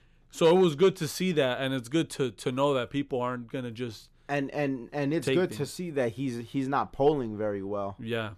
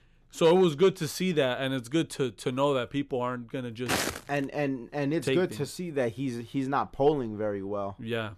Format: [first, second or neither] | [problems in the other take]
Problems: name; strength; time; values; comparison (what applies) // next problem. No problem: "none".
first | footsteps; noticeable; at 4 s; peak level with the speech